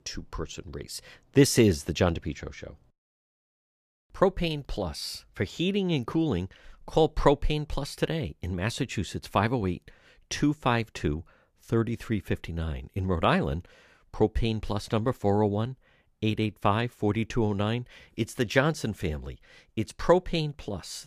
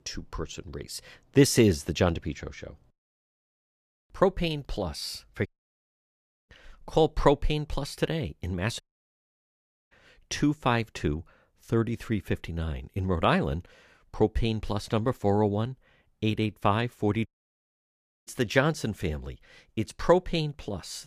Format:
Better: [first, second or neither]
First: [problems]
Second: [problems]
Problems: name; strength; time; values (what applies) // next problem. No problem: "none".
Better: first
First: none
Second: audio cutting out; at 5.5 s for 1 s, at 9 s for 1 s and at 17 s for 1 s